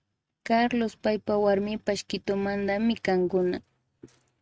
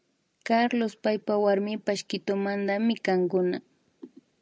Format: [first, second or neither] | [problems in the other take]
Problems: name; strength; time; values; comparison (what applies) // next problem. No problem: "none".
second | noise reduction (neural mask model RNNoise)